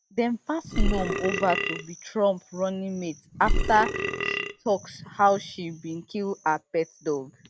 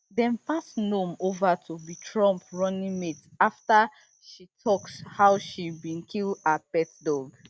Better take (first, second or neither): second